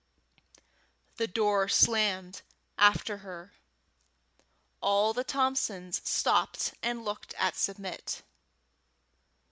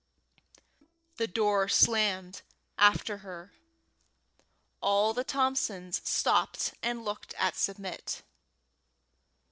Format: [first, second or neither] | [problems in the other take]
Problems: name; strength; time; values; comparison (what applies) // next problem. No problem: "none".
first | noise reduction (neural separator model SepFormer DNS4)